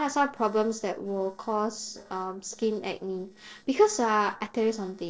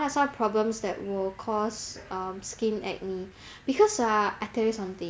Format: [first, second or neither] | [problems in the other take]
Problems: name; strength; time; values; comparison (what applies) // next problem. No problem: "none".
second | noise reduction (neural separator model SepFormer DNS4)